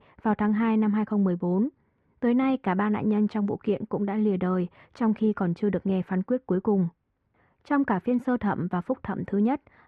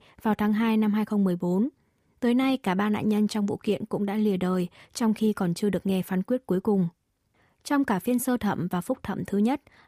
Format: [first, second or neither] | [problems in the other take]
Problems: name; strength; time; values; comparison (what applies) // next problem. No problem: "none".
second | muffled; very; fading above 1.5 kHz